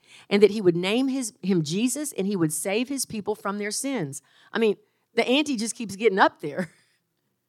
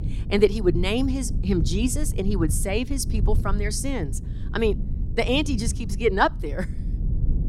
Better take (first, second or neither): first